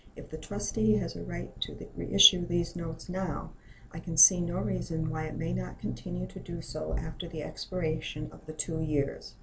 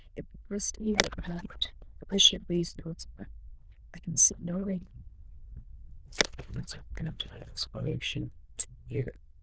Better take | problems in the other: first | noise reduction (neural diffusion model UNIVERSE++)

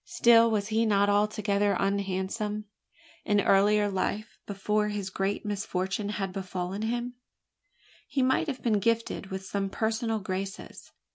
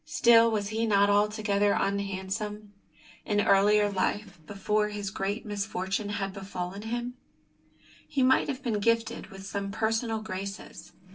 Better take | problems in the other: first | noise reduction (neural separator model SepFormer DNS4)

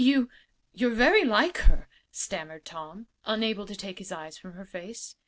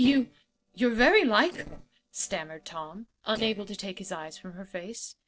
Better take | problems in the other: first | noise reduction (neural separator model SepFormer DNS4)

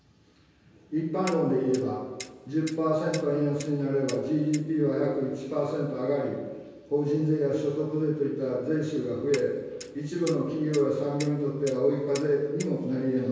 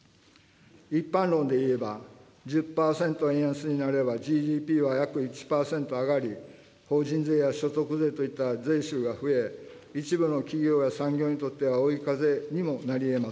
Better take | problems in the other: second | background sound (Clock); 18 dB below the speech // room echo; dies away in 1.2 s

